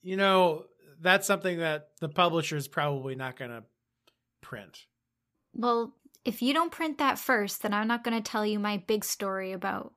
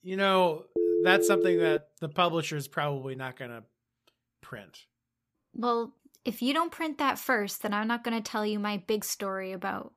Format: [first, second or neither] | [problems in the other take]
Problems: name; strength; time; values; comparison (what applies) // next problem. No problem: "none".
first | phone ringing; loud; from 1 to 2 s; peak 4 dB above the speech